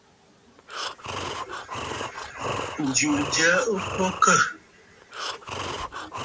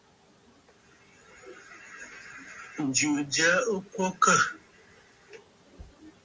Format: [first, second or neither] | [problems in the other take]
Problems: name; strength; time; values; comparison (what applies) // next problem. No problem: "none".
second | background sound (Breathing); 7 dB below the speech